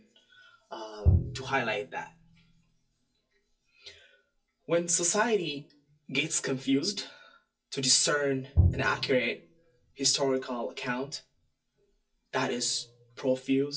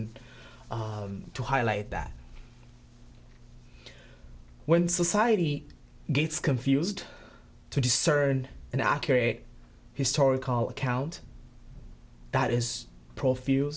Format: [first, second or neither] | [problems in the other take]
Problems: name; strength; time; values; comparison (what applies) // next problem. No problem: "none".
second | noise reduction (classical method WPE with log-MMSE)